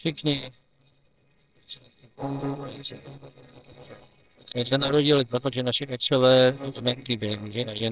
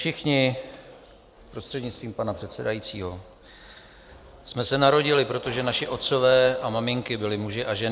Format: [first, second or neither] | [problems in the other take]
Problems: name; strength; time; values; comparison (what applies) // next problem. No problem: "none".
second | noise reduction (neural separator model SepFormer WHAMR!)